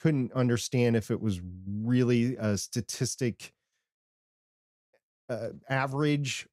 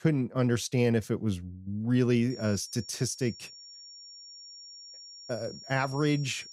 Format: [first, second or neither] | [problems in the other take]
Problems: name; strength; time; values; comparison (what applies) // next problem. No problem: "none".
first | high-pitched whine; noticeable; from 2.5 s on; 5.5 kHz, 15 dB below the speech